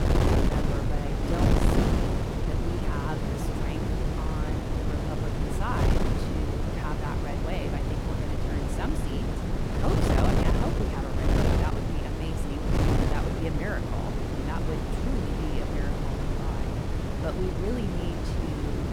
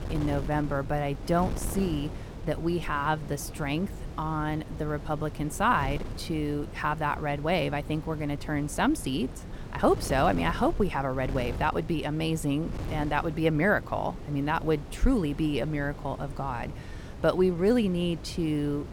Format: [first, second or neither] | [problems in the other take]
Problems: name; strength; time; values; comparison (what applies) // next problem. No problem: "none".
second | wind noise on the microphone; heavy; 5 dB above the speech; occasional gusts in the second